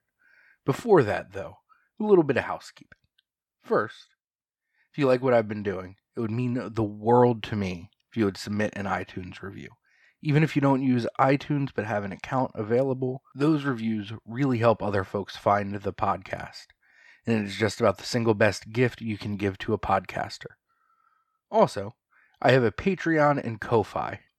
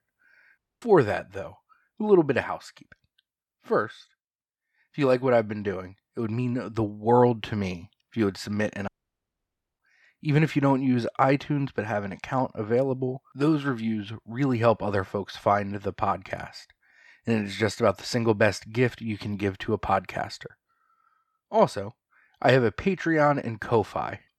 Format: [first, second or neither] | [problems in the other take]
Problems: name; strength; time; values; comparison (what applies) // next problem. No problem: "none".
first | audio cutting out; at 0.5 s and at 9 s for 1 s